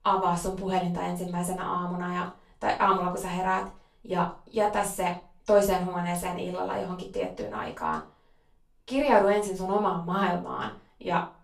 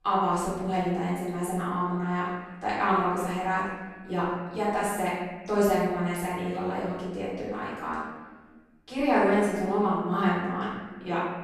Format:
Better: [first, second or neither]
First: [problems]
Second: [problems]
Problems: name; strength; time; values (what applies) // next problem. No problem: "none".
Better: first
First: room echo; slight; dies away in 0.3 s // off-mic speech; far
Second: room echo; strong; dies away in 1.4 s // off-mic speech; far